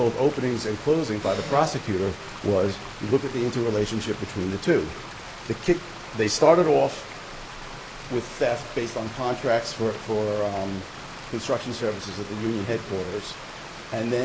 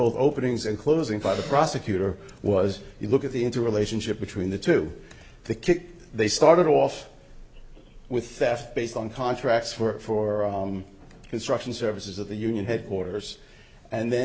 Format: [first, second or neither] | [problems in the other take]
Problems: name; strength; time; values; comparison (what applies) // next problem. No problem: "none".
second | background sound (Stream); 13 dB below the speech